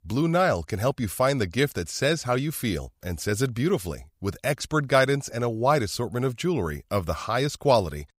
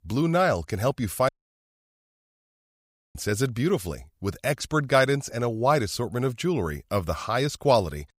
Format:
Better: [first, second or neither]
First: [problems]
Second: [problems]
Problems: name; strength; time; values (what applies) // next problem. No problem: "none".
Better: first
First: none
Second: audio cutting out; at 1.5 s for 2 s